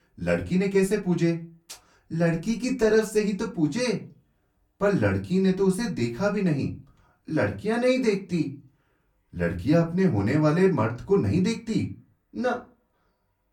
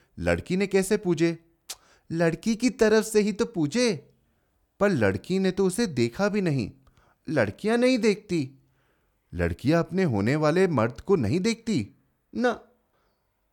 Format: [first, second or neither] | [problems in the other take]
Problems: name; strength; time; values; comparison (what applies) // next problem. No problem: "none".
second | off-mic speech; far // room echo; very slight; dies away in 0.2 s